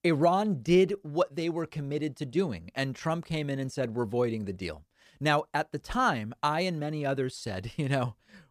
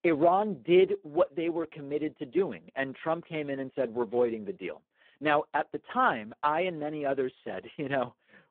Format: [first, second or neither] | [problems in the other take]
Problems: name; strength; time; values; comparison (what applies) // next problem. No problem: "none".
first | phone-call audio; poor line